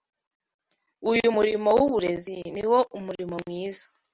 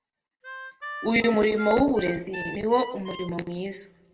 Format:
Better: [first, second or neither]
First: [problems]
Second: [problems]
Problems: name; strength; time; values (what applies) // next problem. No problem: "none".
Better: first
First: none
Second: background sound (Harmonica); 12 dB below the speech // room echo; dies away in 0.9 s